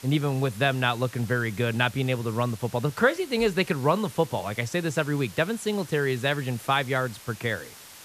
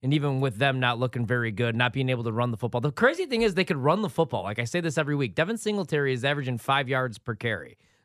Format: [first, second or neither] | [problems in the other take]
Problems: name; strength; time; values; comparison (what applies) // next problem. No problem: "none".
second | hiss; noticeable; throughout; 20 dB below the speech